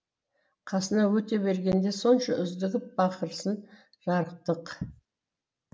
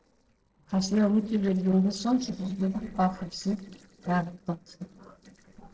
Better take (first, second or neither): first